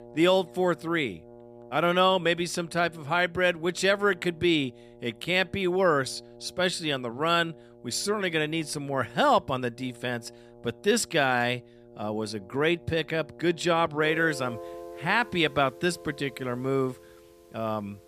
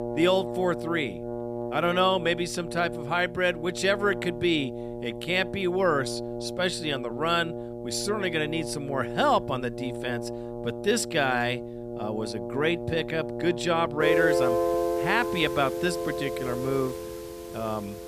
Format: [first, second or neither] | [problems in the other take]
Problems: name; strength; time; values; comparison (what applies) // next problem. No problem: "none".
first | background music; loud; throughout; 5 dB below the speech; faint in the first